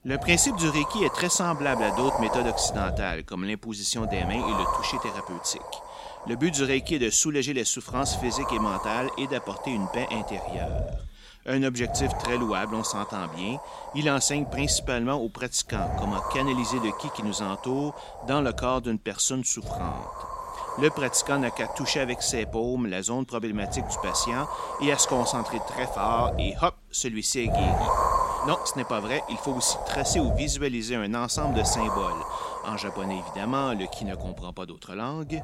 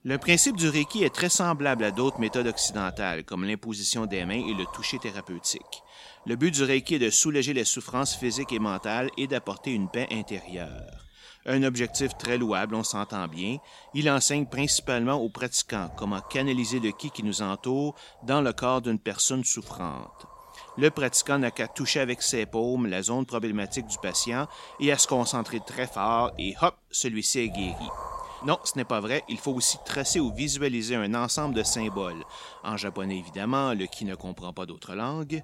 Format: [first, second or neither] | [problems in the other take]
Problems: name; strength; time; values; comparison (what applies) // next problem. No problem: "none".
second | wind noise on the microphone; heavy; 2 dB below the speech; occasional gusts in the second